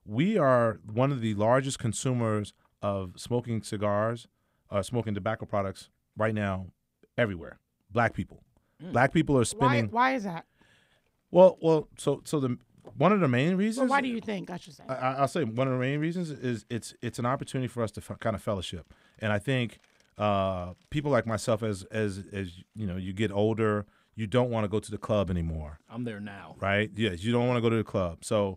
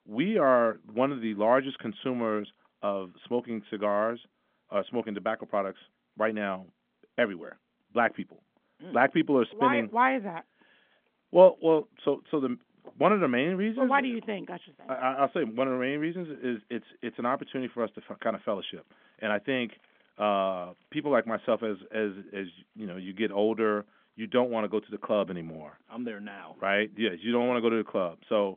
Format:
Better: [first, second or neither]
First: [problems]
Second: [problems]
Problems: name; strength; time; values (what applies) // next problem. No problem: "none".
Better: first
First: none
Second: phone-call audio; nothing above 3.5 kHz